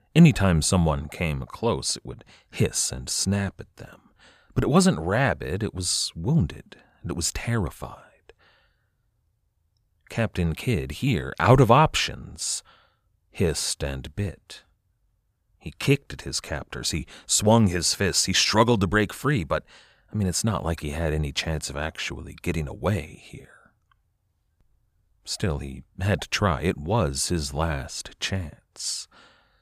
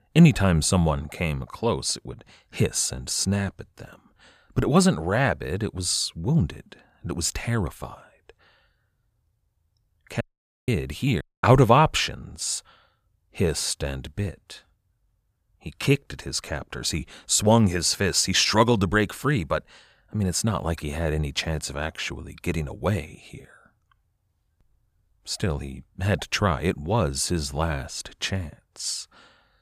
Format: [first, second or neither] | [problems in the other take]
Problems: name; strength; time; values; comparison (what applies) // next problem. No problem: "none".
first | audio cutting out; at 10 s and at 11 s